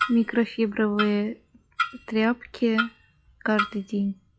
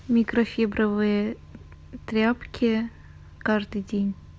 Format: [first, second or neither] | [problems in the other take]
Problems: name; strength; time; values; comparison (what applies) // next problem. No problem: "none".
second | noise reduction (classical method log-MMSE)